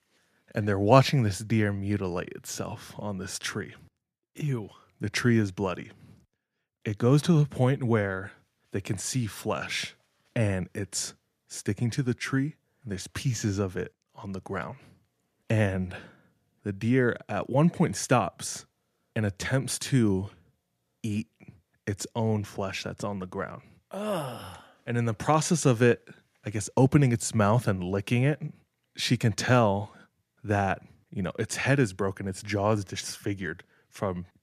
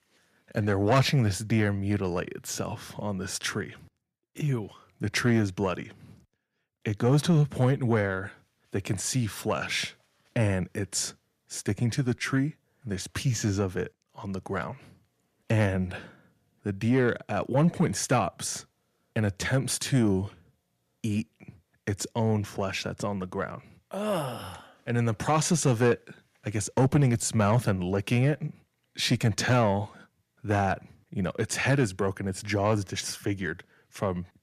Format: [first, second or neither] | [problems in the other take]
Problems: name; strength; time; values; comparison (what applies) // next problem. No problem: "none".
first | distortion; slight; 10 dB below the speech